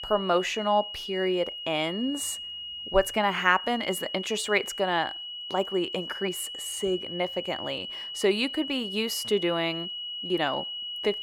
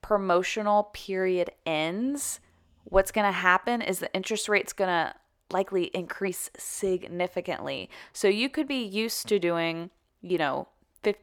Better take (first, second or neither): second